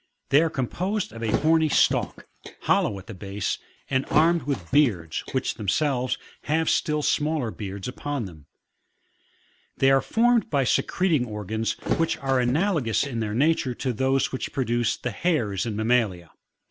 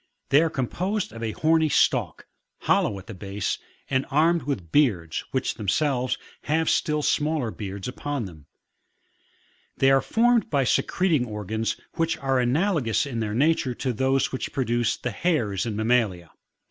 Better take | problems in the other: second | background sound (Thump, thud); 10 dB below the speech

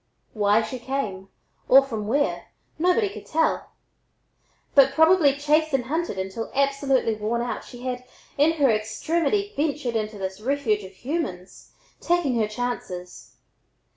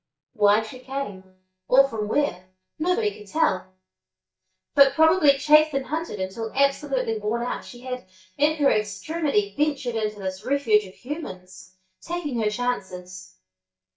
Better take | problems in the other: first | noise reduction (neural mask model DeepFilterNet 3)

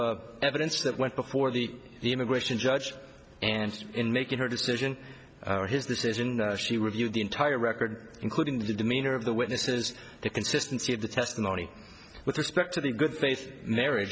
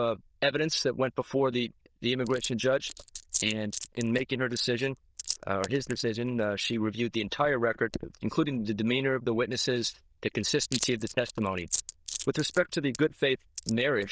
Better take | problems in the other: first | noise reduction (neural diffusion model UNIVERSE++)

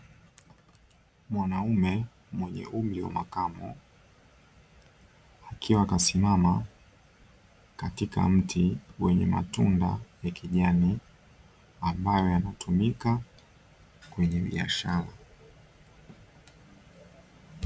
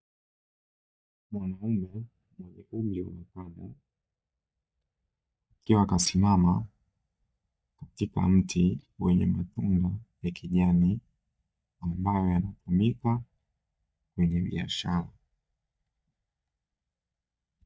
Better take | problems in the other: first | noise reduction (neural mask model DeepFilterNet 3)

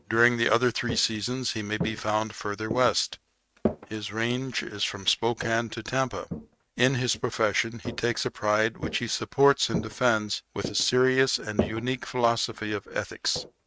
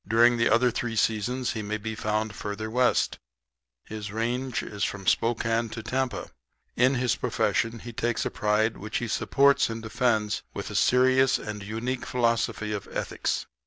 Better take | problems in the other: second | noise reduction (neural mask model RNNoise)

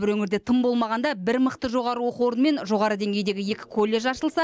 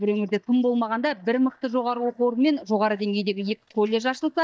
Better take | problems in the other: first | noise reduction (neural mask model DeepFilterNet 3)

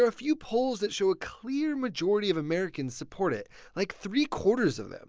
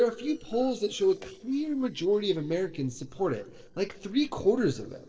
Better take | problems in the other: first | noise reduction (neural separator model SepFormer DNS4)

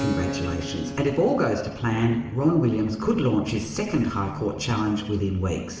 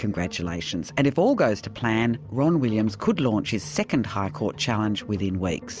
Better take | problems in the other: second | background sound (Keyboard (musical)); 13 dB below the speech // room echo; dies away in 0.9 s

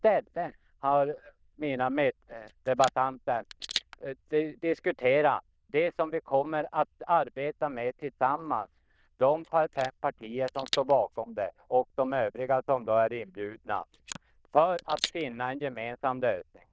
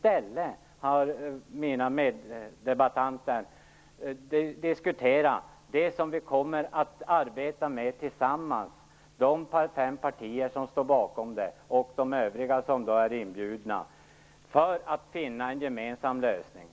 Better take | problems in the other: second | noise reduction (neural diffusion model UNIVERSE++)

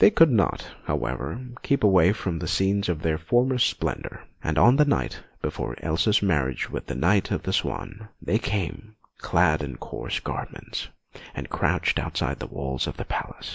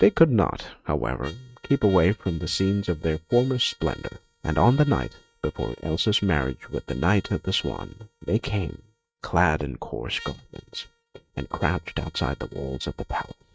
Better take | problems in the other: first | noise reduction (neural mask model RNNoise)

